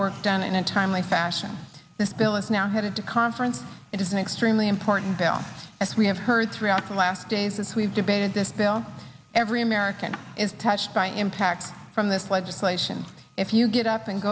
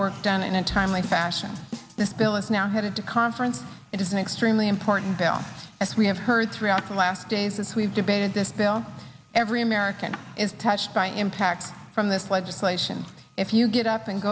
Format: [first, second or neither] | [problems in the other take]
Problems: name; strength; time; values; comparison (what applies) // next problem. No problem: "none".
first | background sound (Drum / Drum kit); 15 dB below the speech